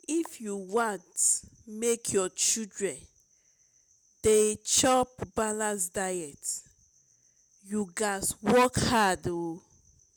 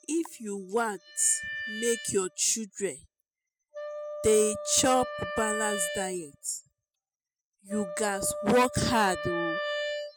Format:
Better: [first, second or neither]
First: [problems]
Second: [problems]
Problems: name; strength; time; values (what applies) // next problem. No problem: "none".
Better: first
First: none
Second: noise reduction (classical method spectral subtraction)